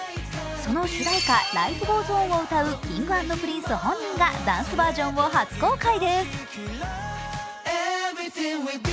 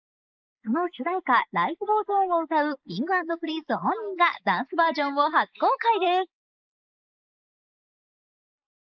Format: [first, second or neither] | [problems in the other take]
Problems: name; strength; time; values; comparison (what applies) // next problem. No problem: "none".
first | noise reduction (neural mask model Resemble Enhance denoiser)